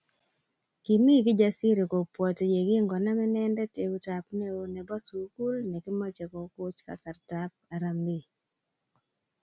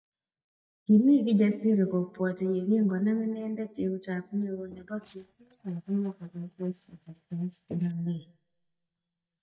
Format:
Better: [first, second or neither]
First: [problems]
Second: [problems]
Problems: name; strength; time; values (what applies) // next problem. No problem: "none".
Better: first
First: none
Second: noise reduction (neural mask model DeepFilterNet 3)